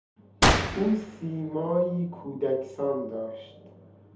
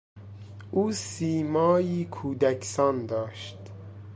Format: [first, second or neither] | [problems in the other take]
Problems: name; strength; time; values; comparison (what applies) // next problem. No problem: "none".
second | background sound (Gunshot, gunfire); 1 dB above the speech // room echo; dies away in 0.6 s